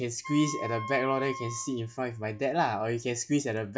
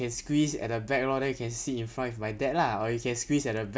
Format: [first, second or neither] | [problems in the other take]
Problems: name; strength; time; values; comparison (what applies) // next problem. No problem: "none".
second | noise reduction (classical method log-MMSE)